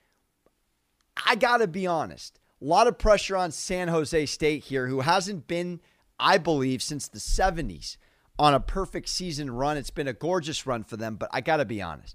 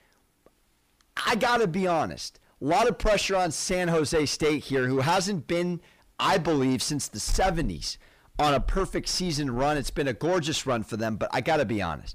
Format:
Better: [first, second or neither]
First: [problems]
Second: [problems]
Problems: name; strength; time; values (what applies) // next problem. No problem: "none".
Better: first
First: none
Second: distortion; heavy; 6 dB below the speech